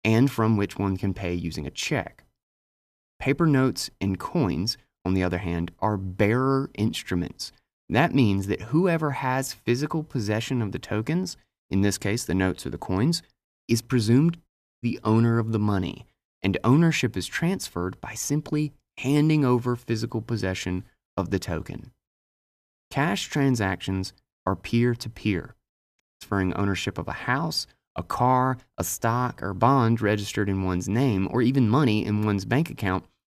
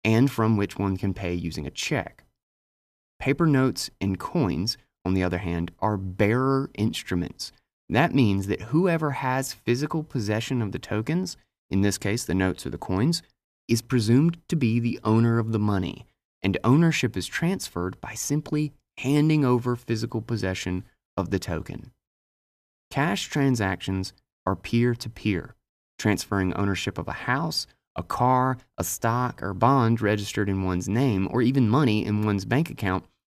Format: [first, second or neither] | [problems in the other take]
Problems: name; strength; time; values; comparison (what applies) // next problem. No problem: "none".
second | audio cutting out; at 14 s and at 26 s